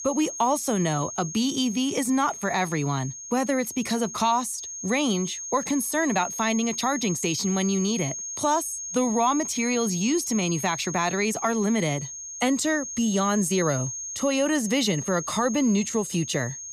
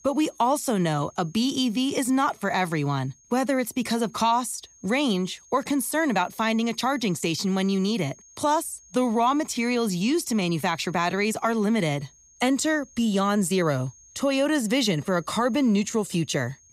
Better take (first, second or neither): second